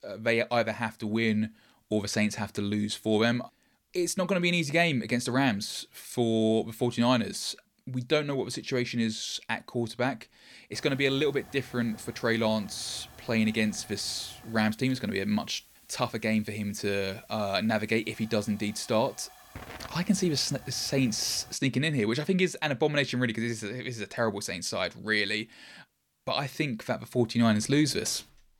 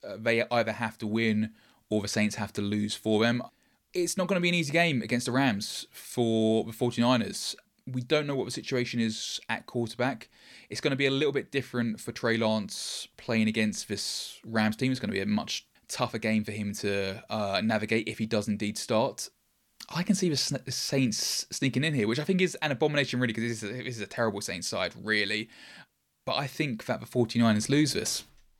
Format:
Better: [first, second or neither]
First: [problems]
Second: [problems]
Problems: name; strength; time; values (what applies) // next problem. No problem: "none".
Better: second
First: hiss; faint; from 11 to 22 s; 20 dB below the speech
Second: none